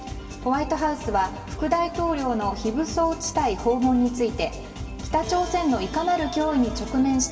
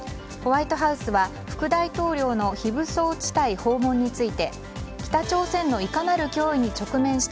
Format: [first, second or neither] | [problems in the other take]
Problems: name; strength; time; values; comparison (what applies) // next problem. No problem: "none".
second | room echo; dies away in 2.3 s